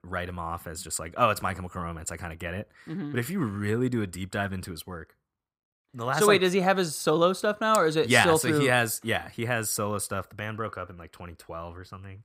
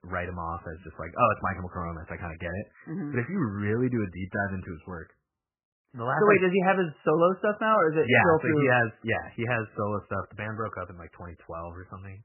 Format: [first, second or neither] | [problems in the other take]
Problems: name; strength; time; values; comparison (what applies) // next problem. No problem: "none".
first | garbled, watery; badly; nothing above 3 kHz